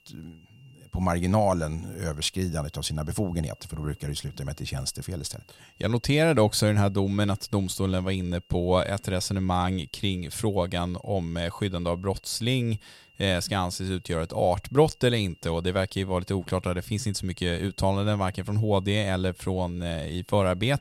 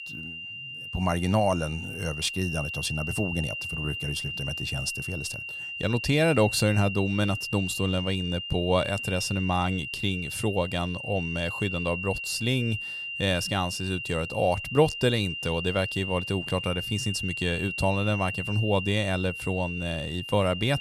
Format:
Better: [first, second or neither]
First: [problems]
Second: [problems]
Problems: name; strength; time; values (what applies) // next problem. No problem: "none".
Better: first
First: high-pitched whine; faint; throughout; 3 kHz, 30 dB below the speech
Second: high-pitched whine; loud; throughout; 3 kHz, 5 dB below the speech